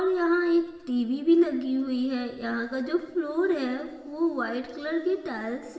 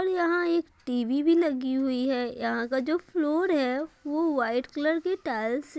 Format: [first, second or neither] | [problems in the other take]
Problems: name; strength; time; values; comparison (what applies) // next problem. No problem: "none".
second | room echo; dies away in 1.1 s